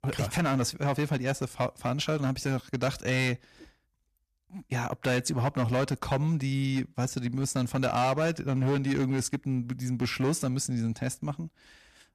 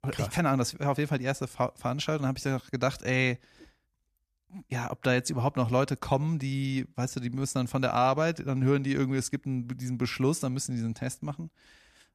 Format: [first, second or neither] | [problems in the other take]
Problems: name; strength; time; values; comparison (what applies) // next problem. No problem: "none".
second | distortion; slight; 9% of the sound clipped